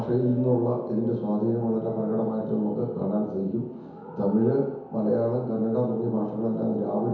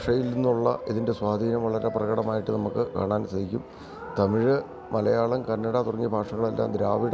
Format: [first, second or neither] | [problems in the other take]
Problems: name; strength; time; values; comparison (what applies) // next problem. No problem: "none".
second | room echo; dies away in 1 s